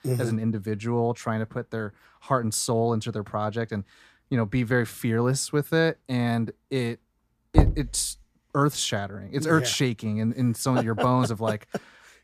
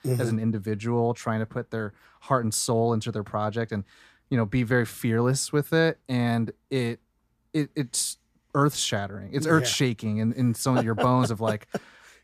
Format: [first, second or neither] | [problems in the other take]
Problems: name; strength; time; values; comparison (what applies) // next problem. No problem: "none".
second | door banging; loud; at 7.5 s; peak 3 dB above the speech